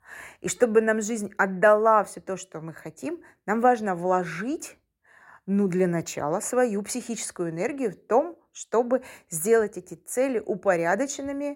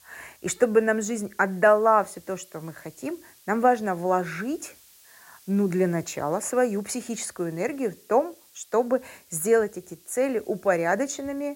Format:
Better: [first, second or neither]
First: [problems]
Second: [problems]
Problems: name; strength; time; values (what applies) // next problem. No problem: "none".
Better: first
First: none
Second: hiss; faint; throughout; 25 dB below the speech